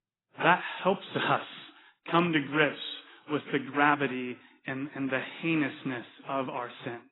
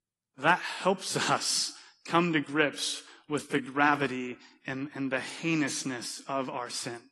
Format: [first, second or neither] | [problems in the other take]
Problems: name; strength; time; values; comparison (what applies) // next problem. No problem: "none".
second | garbled, watery; badly; nothing above 4 kHz; slightly in the second